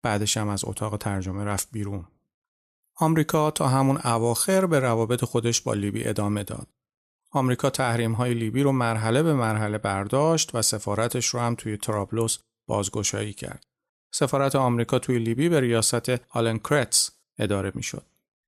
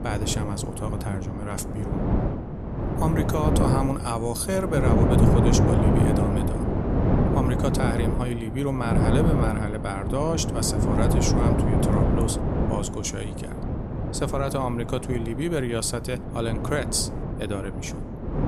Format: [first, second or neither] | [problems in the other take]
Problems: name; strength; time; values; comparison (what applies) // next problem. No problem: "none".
first | wind noise on the microphone; heavy; 1 dB below the speech